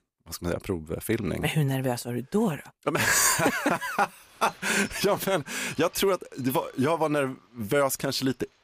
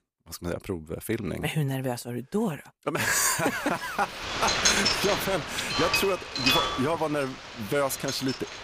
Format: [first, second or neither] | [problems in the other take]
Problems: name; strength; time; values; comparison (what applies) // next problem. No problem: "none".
first | wind noise on the microphone; heavy; from 3.5 s on; 3 dB above the speech; occasional gusts in the first